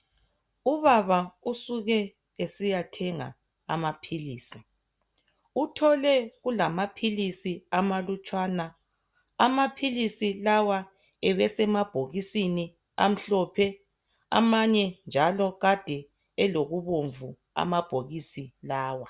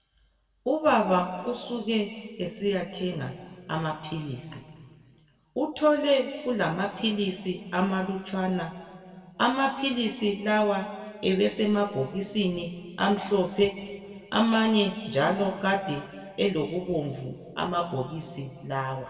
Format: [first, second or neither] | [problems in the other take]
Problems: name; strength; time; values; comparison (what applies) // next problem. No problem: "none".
first | room echo; dies away in 1.9 s